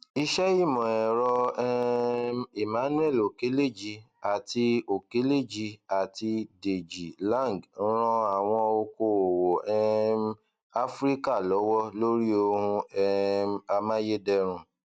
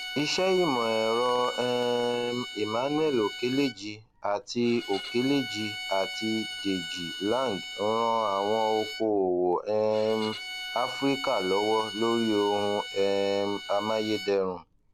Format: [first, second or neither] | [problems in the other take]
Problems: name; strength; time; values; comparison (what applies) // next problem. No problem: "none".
first | background sound (Bowed string instrument); 10 dB below the speech